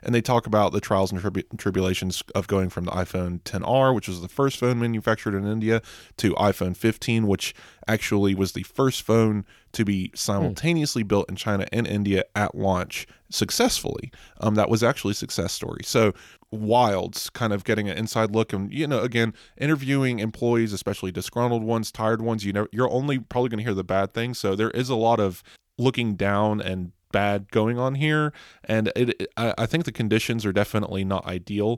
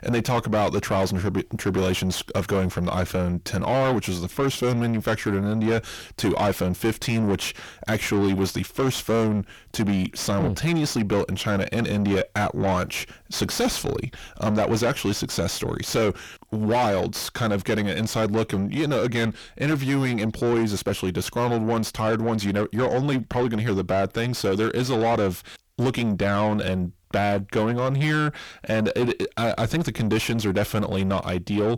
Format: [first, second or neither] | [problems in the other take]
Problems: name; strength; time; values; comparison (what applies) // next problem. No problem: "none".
first | distortion; heavy; 6 dB below the speech